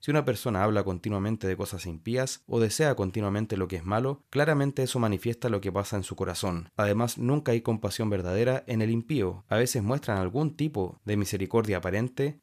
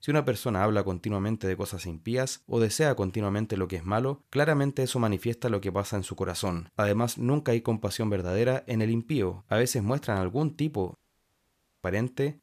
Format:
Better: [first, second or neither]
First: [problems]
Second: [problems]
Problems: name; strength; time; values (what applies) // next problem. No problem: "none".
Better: first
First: none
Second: audio cutting out; at 11 s for 1 s